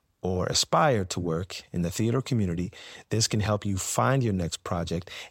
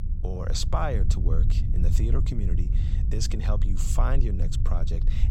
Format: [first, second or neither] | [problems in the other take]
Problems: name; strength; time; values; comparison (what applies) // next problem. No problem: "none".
first | low rumble; loud; throughout; 8 dB below the speech